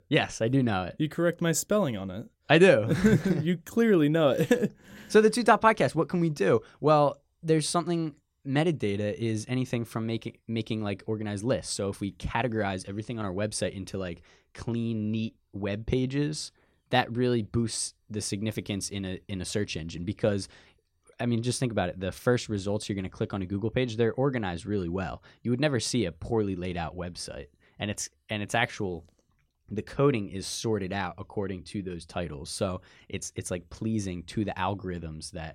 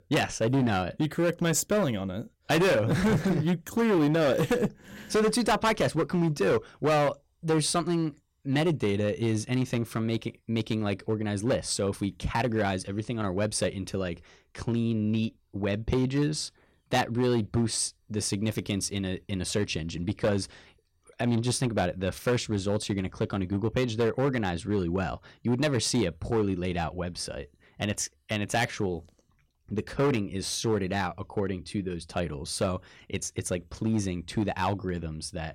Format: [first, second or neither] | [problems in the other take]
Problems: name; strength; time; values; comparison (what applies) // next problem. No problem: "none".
first | distortion; heavy; 7% of the sound clipped